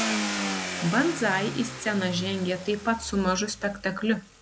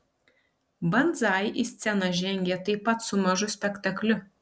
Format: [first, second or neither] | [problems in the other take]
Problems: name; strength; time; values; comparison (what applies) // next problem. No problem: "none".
second | background sound (Car); 6 dB below the speech